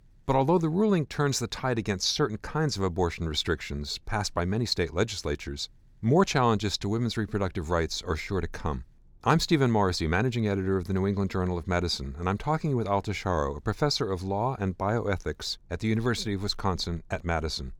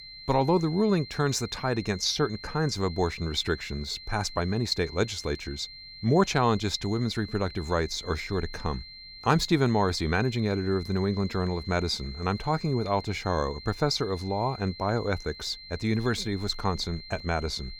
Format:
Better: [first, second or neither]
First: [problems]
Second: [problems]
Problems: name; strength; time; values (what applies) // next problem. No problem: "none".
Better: first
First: none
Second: high-pitched whine; noticeable; throughout; 4 kHz, 15 dB below the speech